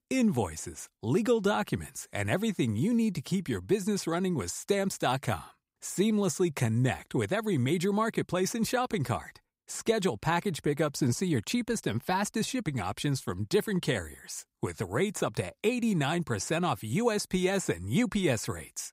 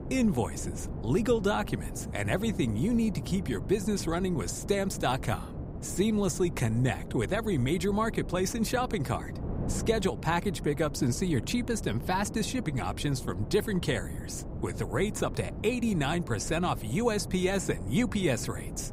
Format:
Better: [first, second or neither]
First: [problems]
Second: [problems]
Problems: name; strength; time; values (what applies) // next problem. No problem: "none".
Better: first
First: none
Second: wind noise on the microphone; occasional gusts; 15 dB below the speech